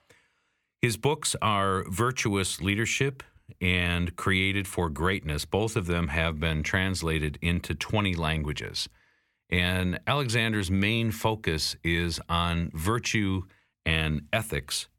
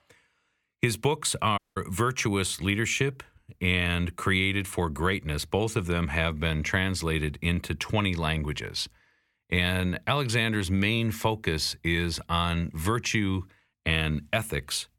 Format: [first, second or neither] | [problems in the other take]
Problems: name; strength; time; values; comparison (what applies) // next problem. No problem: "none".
first | audio cutting out; at 1.5 s